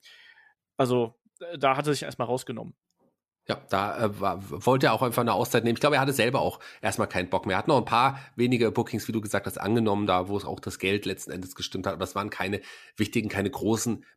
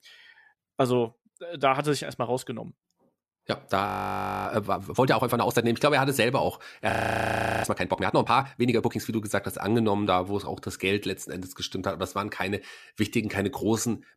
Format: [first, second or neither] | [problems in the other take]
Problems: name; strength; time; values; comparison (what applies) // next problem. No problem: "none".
first | audio freezing; at 4 s for 0.5 s and at 7 s for 0.5 s